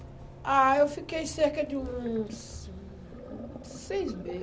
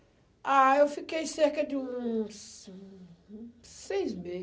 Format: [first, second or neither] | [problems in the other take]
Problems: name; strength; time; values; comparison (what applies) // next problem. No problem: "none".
second | background sound (Sink (filling or washing) + Bus); 13 dB below the speech